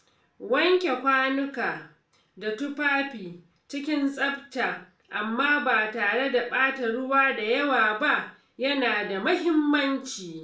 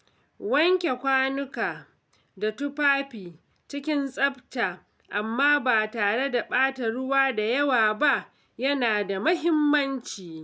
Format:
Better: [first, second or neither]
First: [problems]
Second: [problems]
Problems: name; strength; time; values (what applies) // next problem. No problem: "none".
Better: second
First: room echo; dies away in 0.4 s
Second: none